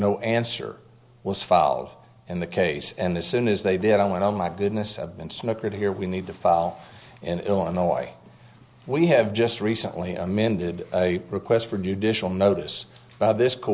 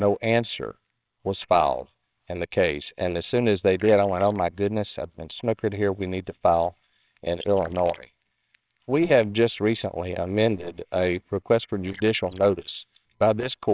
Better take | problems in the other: first | noise reduction (neural separator model SepFormer WHAMR!)

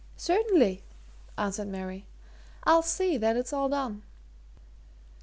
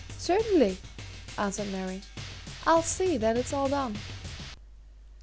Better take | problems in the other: first | background sound (Drum); 13 dB below the speech

